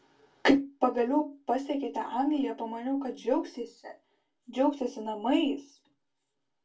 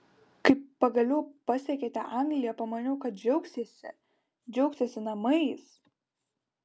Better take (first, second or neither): second